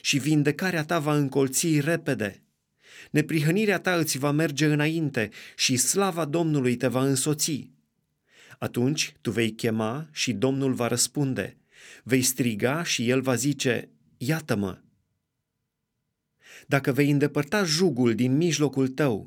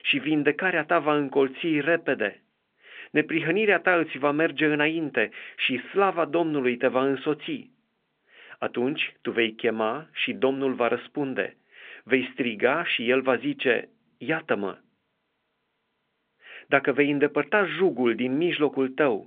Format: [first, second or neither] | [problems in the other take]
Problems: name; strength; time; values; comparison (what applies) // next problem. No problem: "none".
first | phone-call audio